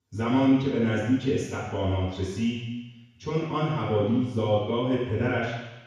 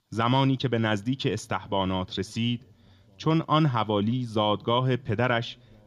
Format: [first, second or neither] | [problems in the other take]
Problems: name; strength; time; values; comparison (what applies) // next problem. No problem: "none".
second | room echo; strong; dies away in 1.1 s; slight in the second // off-mic speech; far